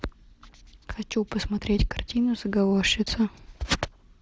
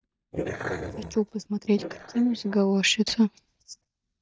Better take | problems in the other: first | noise reduction (neural mask model DeepFilterNet 3)

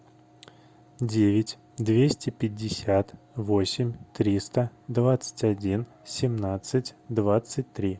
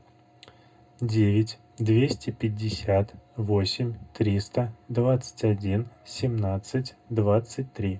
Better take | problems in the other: first | room echo; dies away in 0.2 s

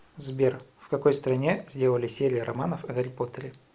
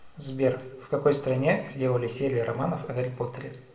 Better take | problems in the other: first | room echo; dies away in 0.8 s

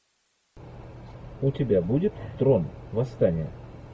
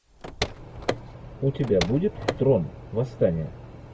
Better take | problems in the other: first | background sound (Car); 6 dB below the speech

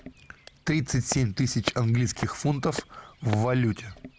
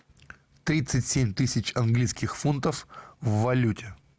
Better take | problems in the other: second | background sound (Walk, footsteps); 13 dB below the speech

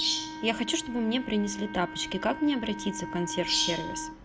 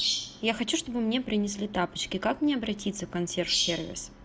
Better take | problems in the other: second | background sound (Wind instrument, woodwind instrument); 10 dB below the speech

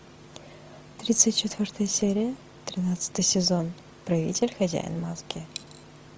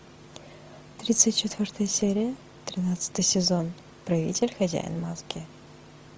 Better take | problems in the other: second | background sound (Coin (dropping)); 18 dB below the speech

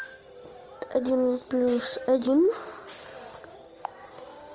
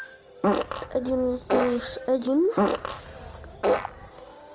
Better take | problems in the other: first | background sound (Fart); 1 dB above the speech

